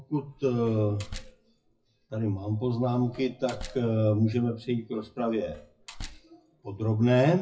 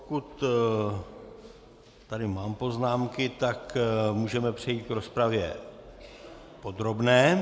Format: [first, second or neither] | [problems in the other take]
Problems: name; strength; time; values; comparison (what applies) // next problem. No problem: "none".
second | noise reduction (classical method WPE with log-MMSE)